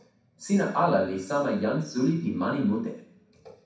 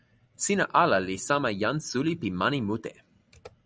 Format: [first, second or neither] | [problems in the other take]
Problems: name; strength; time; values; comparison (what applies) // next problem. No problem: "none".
second | room echo; dies away in 0.6 s